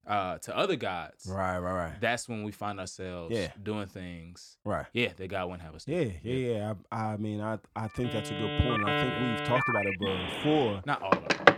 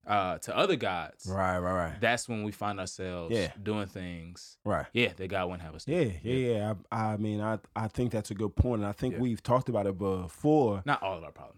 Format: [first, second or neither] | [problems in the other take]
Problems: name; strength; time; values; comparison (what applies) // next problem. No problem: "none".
second | alarms or sirens; very loud; from 8.5 s on; 2 dB above the speech